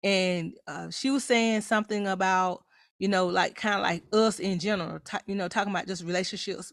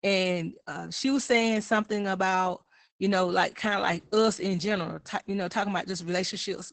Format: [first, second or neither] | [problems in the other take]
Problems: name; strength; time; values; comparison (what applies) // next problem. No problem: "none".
first | garbled, watery; badly; nothing above 8 kHz